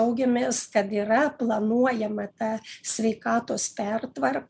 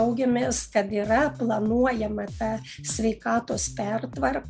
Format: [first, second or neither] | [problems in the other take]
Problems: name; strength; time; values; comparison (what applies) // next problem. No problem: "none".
first | background sound (Bass guitar); 14 dB below the speech